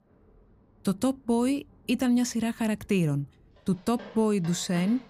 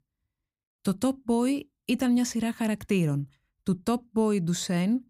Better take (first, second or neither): second